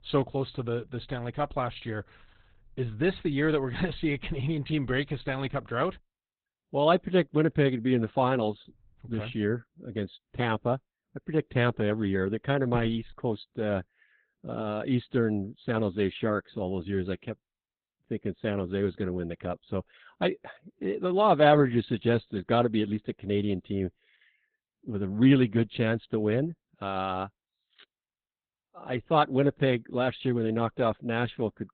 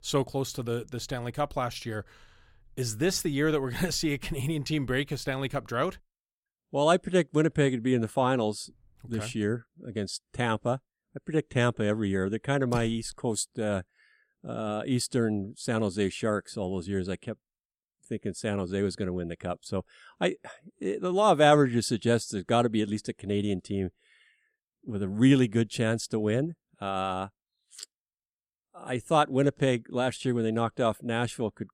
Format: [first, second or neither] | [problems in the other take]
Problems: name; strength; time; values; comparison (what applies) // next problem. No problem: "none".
second | garbled, watery; badly; nothing above 4 kHz